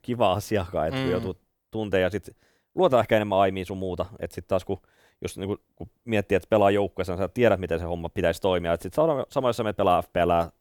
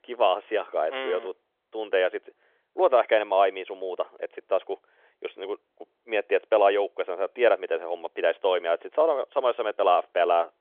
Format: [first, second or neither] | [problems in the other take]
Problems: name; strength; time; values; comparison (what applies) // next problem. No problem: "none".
first | phone-call audio; nothing above 3.5 kHz